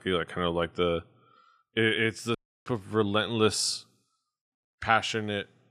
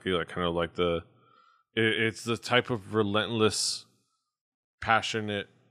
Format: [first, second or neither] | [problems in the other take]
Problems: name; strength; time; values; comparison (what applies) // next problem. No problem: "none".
second | audio cutting out; at 2.5 s